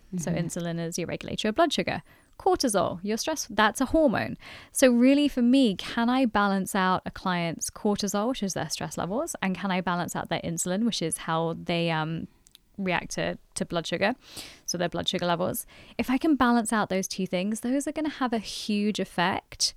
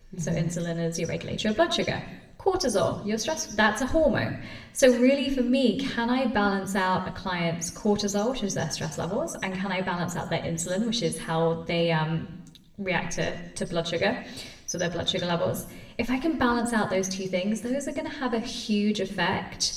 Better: first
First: none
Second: room echo; slight; dies away in 0.8 s // off-mic speech; somewhat distant

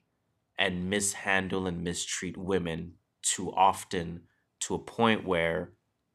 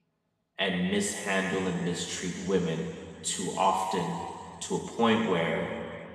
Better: first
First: none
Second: room echo; noticeable; dies away in 2.4 s // off-mic speech; far

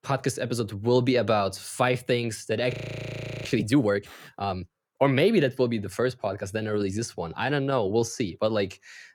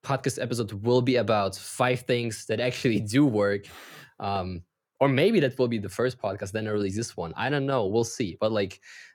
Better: second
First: audio freezing; at 2.5 s for 0.5 s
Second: none

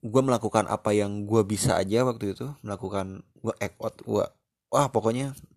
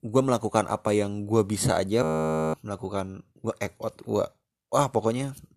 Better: first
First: none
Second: audio freezing; at 2 s for 0.5 s

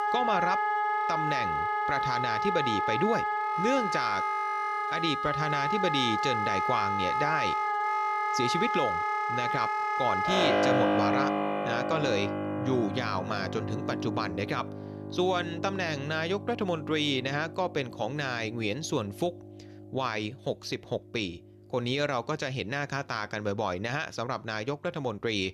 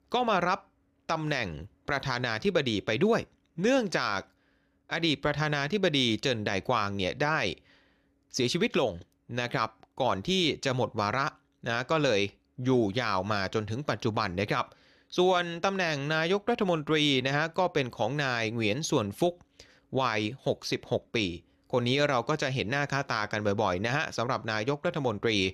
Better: second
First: background music; very loud; throughout; 2 dB above the speech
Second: none

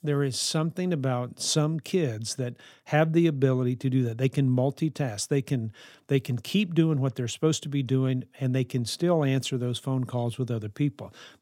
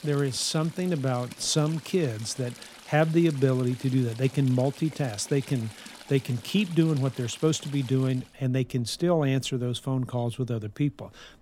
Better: first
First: none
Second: rain or running water; noticeable; throughout; 20 dB below the speech

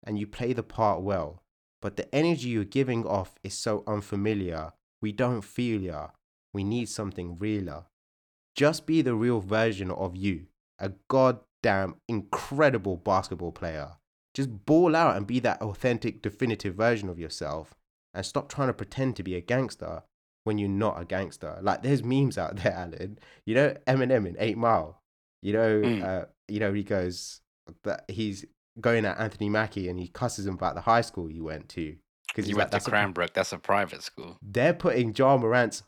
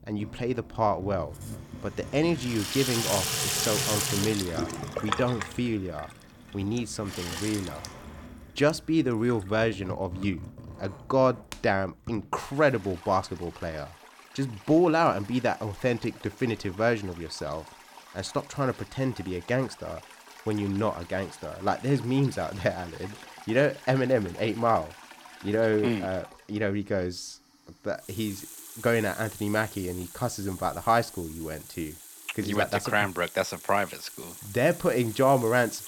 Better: first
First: none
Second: household noises; loud; throughout; 9 dB below the speech

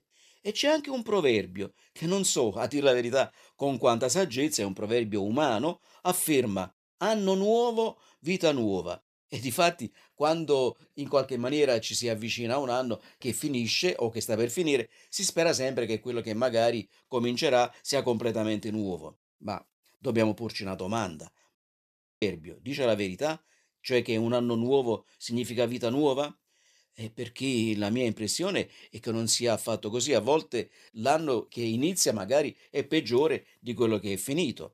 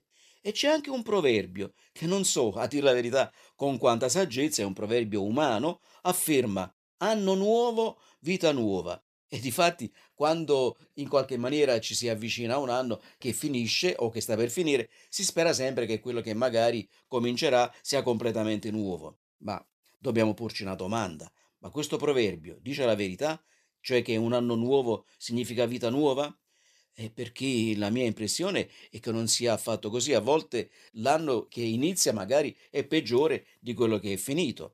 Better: second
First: audio cutting out; at 22 s for 0.5 s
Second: none

